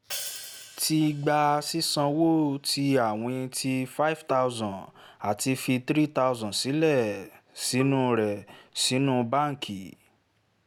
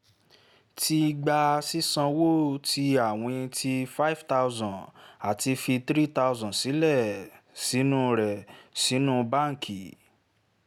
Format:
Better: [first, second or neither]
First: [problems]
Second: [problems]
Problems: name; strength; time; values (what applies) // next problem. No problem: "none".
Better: second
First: background sound (Bowed string instrument + Hi-hat); 17 dB below the speech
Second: none